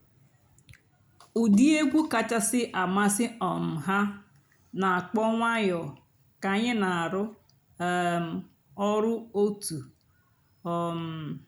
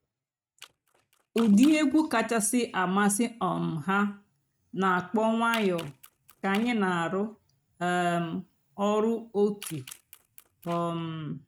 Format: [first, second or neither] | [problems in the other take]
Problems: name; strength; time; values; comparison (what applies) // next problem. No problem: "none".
first | noise reduction (neural mask model RNNoise)